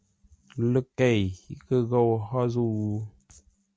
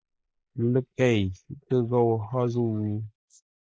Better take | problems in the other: first | noise reduction (neural mask model Resemble Enhance denoiser)

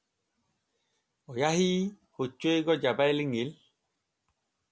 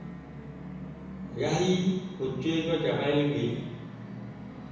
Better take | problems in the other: first | background sound (Musical instrument); 10 dB below the speech // room echo; dies away in 1.1 s

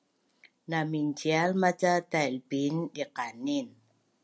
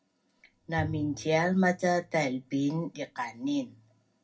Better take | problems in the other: first | background sound (Bowed string instrument); 15 dB below the speech // room echo; dies away in 0.4 s

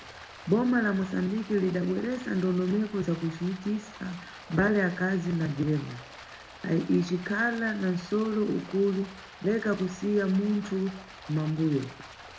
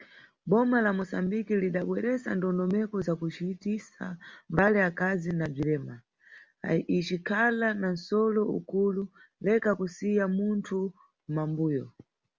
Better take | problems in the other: second | background sound (Stream); 18 dB below the speech // room echo; dies away in 0.4 s

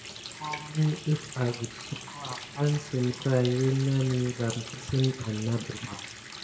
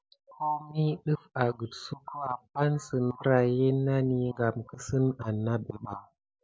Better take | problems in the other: second | background sound (Water tap, faucet); 12 dB below the speech // room echo; dies away in 1.2 s

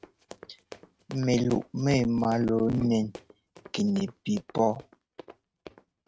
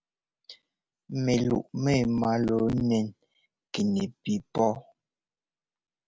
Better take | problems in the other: second | noise reduction (neural mask model RNNoise)

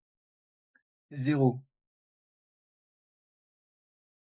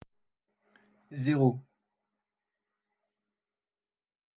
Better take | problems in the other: second | noise reduction (neural mask model Resemble Enhance denoiser)

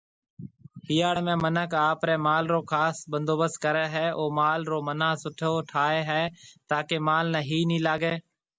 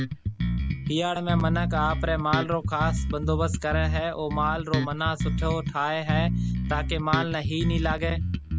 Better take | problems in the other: first | background sound (Bass guitar); 1 dB above the speech

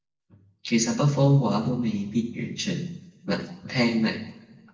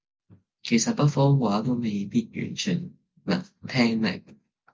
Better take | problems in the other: second | room echo; dies away in 0.9 s

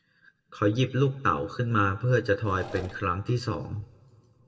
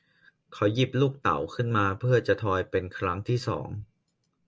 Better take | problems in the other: second | background sound (Engine / Mechanisms); 16 dB below the speech // room echo; dies away in 1.1 s

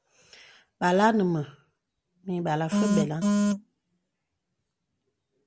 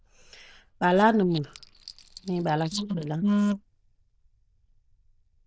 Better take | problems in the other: first | noise reduction (neural diffusion model UNIVERSE++)

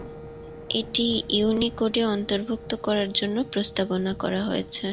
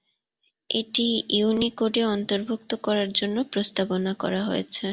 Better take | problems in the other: second | background sound (Thunder / Rain + Wind instrument, woodwind instrument); 15 dB below the speech

